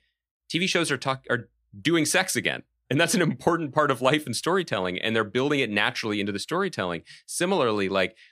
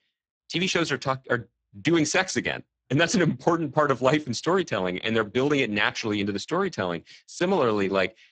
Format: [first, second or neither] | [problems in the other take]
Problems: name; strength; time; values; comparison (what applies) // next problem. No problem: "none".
first | garbled, watery; badly; nothing above 7.5 kHz